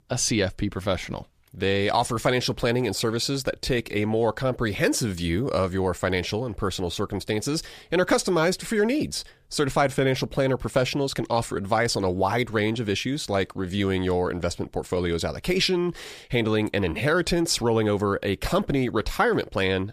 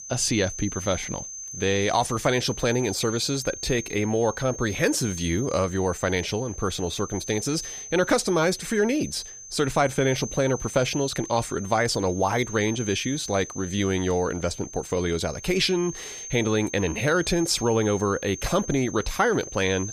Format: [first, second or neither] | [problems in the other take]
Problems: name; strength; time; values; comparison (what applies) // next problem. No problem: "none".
first | high-pitched whine; noticeable; throughout; 6.5 kHz, 10 dB below the speech